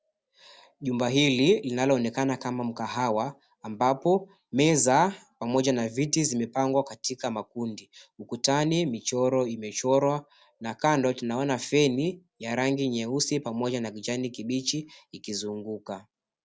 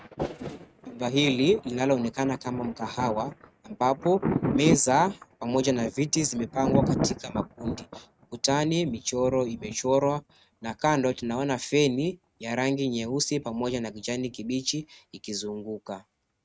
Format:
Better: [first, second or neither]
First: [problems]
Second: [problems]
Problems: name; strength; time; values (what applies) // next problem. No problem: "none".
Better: first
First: none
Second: noise reduction (neural mask model RNNoise)